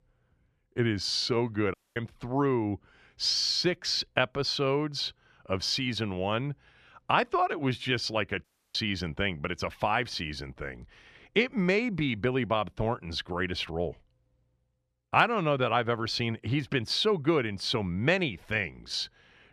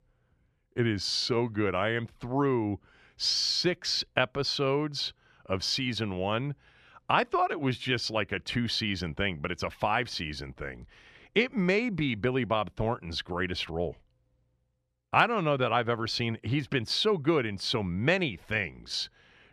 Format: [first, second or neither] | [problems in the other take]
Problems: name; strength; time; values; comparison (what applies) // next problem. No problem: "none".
second | audio cutting out; at 1.5 s and at 8.5 s